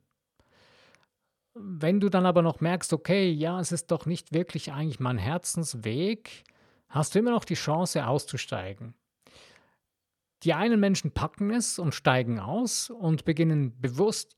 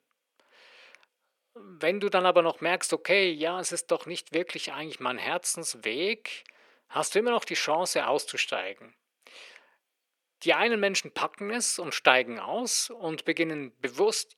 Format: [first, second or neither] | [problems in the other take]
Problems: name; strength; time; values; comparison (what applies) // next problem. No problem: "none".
first | thin; very; fading below 350 Hz